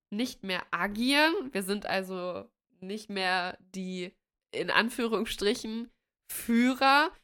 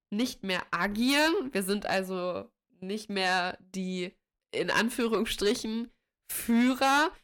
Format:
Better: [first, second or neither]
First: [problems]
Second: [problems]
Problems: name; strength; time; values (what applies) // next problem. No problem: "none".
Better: first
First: none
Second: distortion; slight; 10 dB below the speech